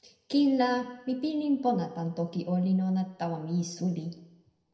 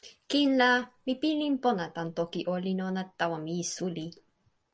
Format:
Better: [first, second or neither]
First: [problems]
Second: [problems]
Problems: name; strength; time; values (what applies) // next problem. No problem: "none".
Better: second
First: room echo; dies away in 0.8 s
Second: none